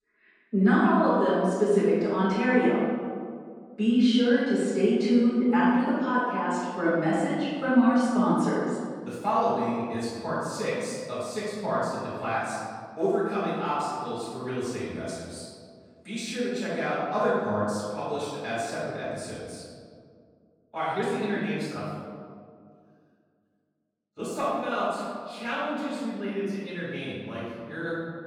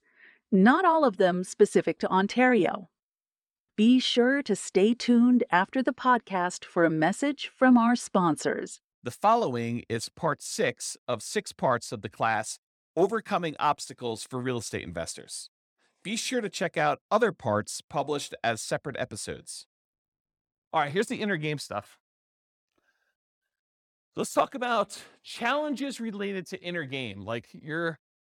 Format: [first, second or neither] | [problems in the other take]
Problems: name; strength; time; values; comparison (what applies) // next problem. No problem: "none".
second | off-mic speech; far // room echo; strong; dies away in 1.9 s